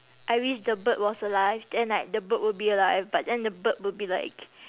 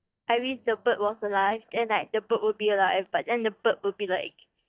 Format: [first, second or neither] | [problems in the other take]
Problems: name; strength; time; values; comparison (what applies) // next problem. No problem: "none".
first | noise reduction (neural mask model DeepFilterNet 3)